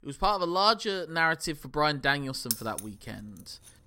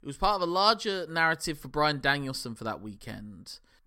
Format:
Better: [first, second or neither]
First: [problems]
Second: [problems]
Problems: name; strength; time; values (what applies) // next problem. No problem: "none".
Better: second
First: jangling keys; noticeable; at 2.5 s; peak 5 dB below the speech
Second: none